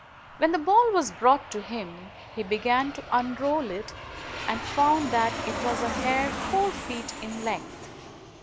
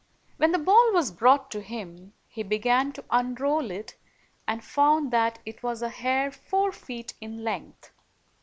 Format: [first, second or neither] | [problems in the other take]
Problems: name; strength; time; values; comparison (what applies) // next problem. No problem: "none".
second | background sound (Aircraft); 9 dB below the speech